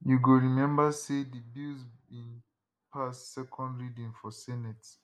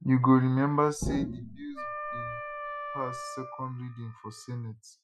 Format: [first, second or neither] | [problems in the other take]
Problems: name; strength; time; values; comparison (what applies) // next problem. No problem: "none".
first | noise reduction (classical method Wiener filter)